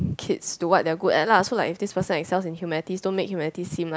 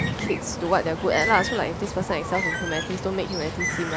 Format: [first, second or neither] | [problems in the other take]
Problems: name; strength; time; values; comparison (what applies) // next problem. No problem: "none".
first | background sound (Bird); 3 dB below the speech